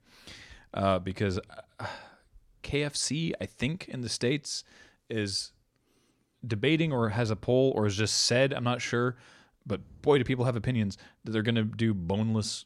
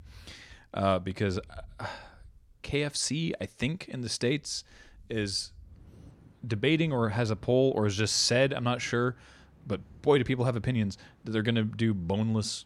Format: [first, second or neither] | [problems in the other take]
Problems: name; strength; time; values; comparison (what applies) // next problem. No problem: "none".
first | rain or running water; faint; throughout; 30 dB below the speech